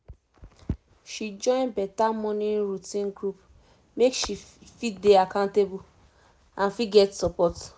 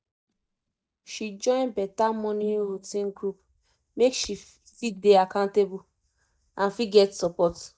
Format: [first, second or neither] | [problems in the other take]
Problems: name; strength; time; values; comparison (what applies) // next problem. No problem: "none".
first | noise reduction (neural mask model DeepFilterNet 3)